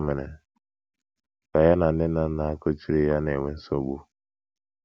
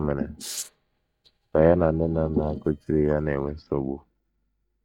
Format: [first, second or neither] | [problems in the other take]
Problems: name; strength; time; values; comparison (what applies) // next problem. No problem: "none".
first | noise reduction (neural mask model DeepFilterNet 3)